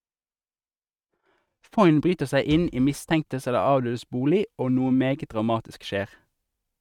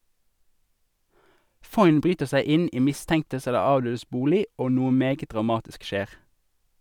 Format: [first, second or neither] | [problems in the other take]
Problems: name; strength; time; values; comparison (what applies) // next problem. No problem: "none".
second | noise reduction (neural mask model RNNoise)